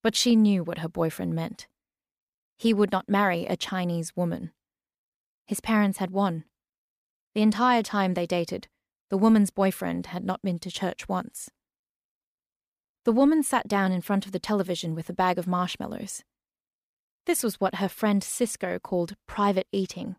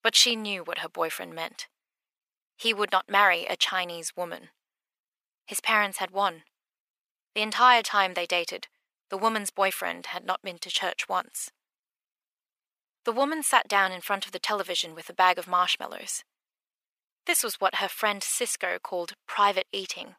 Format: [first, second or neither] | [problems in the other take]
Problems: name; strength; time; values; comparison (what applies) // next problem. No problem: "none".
first | thin; very; fading below 750 Hz